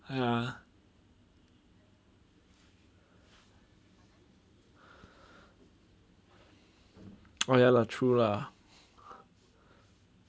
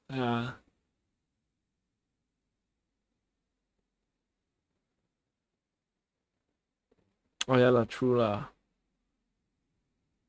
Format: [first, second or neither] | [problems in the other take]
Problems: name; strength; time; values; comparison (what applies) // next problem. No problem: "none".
first | noise reduction (neural mask model RNNoise)